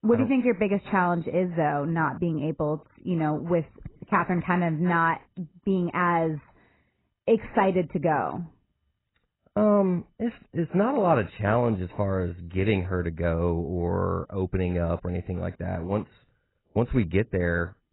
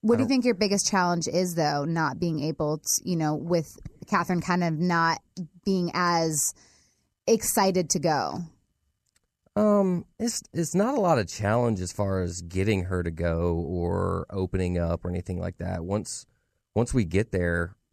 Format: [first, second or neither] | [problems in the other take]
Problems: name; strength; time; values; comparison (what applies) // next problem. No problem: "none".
second | garbled, watery; badly; nothing above 4 kHz